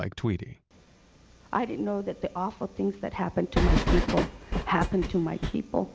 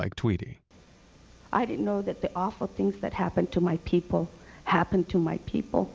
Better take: second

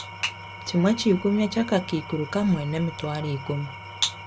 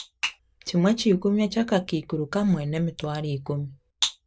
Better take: second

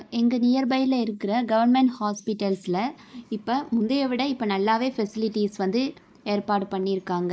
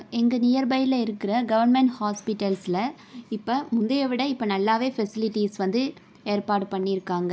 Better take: second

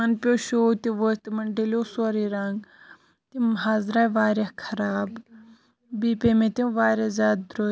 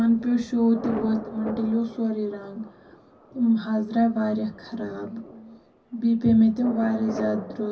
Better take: first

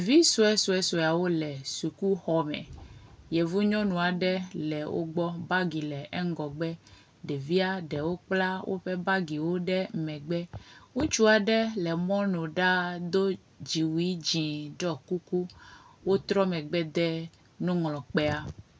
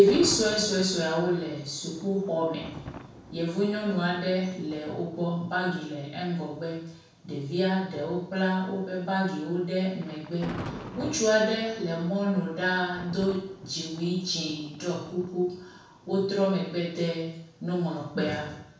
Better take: first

